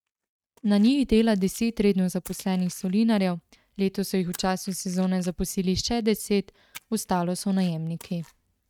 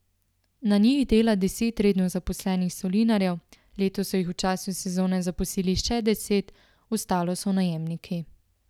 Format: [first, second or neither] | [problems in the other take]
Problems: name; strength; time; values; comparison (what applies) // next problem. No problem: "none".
second | noise reduction (neural mask model RNNoise)